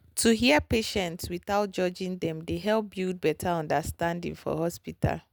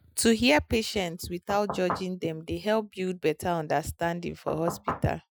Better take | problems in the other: first | noise reduction (classical method Wiener filter)

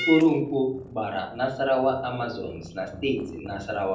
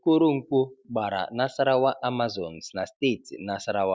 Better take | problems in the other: second | background sound (Meow / Purr); 13 dB below the speech // room echo; dies away in 0.6 s

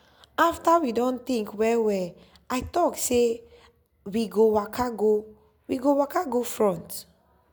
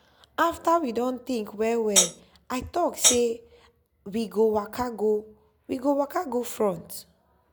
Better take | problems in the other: first | background sound (Hi-hat); 5 dB above the speech

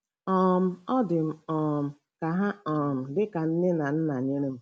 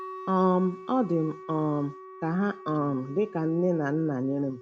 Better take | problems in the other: first | background sound (Wind instrument, woodwind instrument); 16 dB below the speech

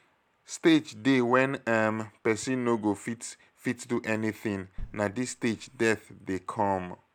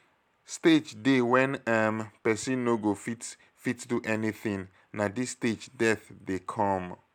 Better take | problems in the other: second | background sound (Bass drum); 14 dB below the speech

